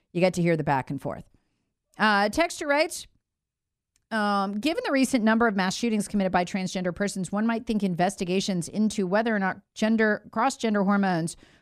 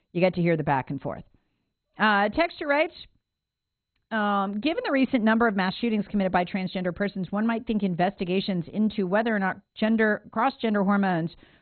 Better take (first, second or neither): first